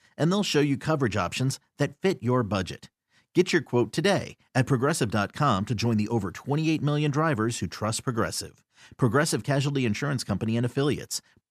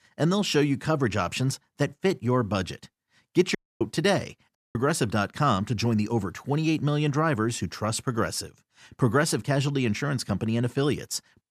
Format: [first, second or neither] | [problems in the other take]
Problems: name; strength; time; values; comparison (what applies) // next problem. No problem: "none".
first | audio cutting out; at 3.5 s and at 4.5 s